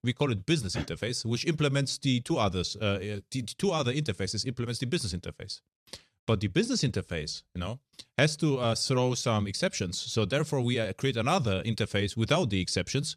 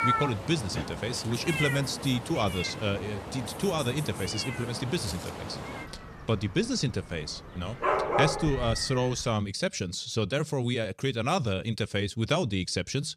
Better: first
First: none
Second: animal sounds; loud; until 9 s; 4 dB below the speech

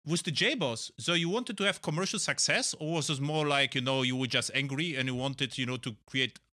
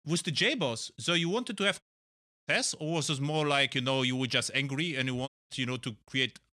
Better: first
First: none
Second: audio cutting out; at 2 s for 0.5 s and at 5.5 s

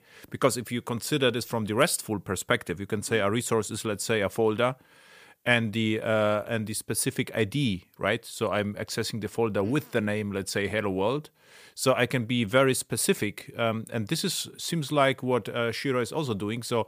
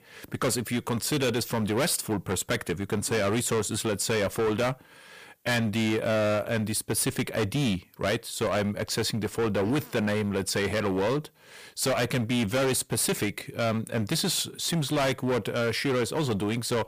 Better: first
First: none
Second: distortion; heavy; 19% of the sound clipped

